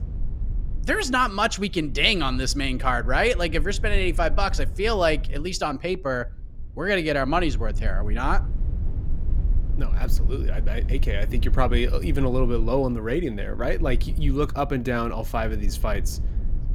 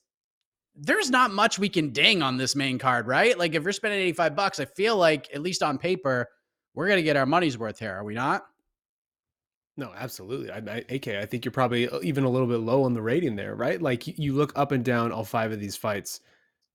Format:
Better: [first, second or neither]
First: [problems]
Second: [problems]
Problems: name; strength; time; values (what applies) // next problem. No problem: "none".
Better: second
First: low rumble; faint; throughout; 20 dB below the speech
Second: none